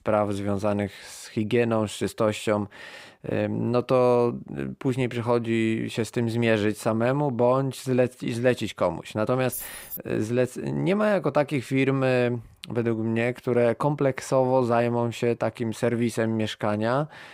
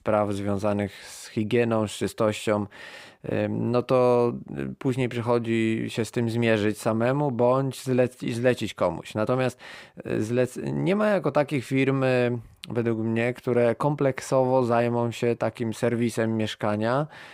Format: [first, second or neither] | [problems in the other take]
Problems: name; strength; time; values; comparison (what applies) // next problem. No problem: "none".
second | jangling keys; noticeable; at 9.5 s; peak 9 dB below the speech